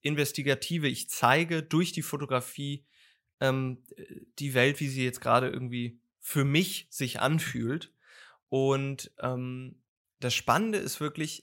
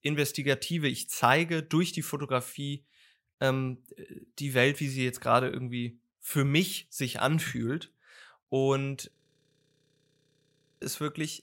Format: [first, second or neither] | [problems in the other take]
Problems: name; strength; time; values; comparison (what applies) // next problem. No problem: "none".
first | audio freezing; at 9 s for 1.5 s